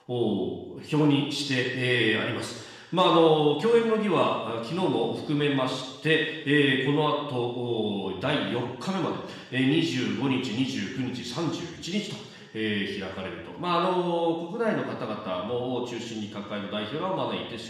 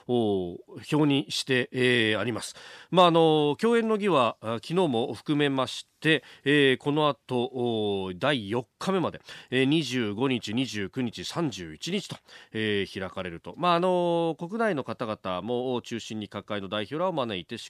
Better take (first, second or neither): second